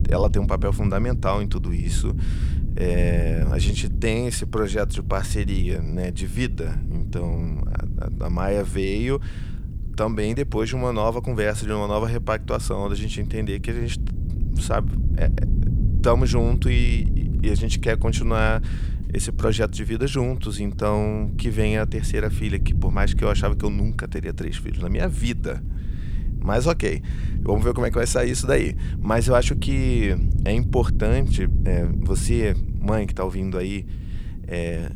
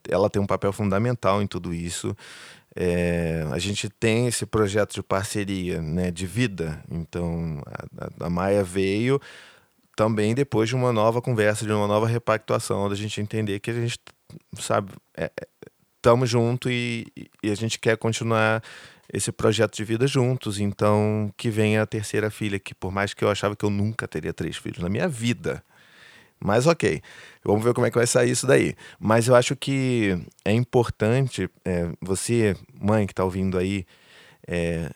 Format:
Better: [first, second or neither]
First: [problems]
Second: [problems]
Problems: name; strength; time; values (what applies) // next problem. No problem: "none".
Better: second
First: low rumble; noticeable; throughout; 15 dB below the speech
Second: none